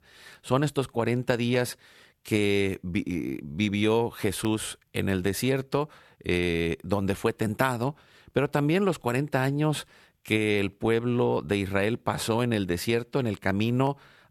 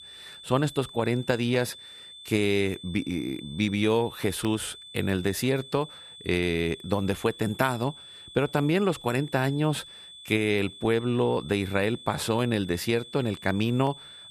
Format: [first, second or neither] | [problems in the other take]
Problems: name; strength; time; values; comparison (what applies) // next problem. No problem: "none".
first | high-pitched whine; noticeable; throughout; 3.5 kHz, 15 dB below the speech